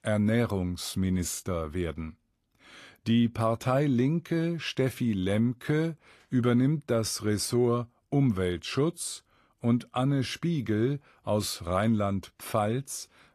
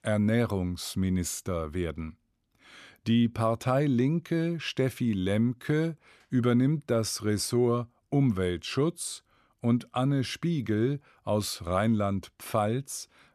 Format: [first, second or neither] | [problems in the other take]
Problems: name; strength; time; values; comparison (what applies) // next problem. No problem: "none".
second | garbled, watery; slightly; nothing above 13.5 kHz